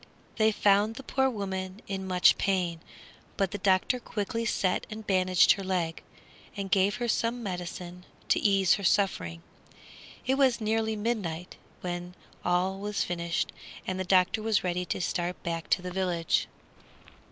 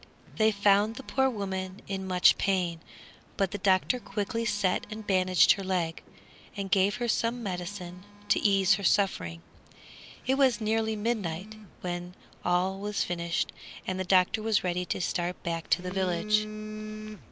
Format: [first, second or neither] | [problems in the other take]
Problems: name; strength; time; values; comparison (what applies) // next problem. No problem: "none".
first | background sound (Telephone); 16 dB below the speech